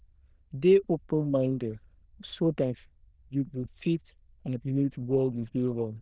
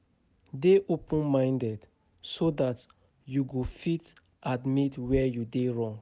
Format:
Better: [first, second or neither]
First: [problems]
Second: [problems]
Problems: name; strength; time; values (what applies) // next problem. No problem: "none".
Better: second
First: noise reduction (neural diffusion model UNIVERSE++)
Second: none